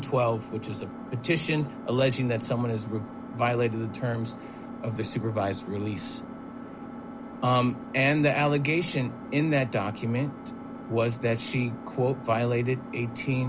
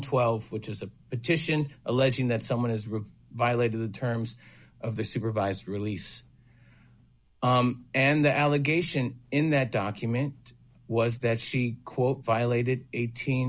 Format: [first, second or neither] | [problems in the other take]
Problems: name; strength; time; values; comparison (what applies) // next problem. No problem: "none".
second | background sound (Engine); 11 dB below the speech